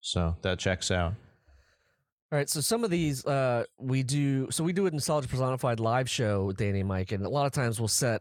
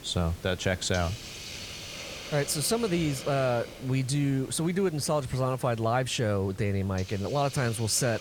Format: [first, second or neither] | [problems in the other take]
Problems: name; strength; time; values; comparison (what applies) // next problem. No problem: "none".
first | hiss; noticeable; throughout; 15 dB below the speech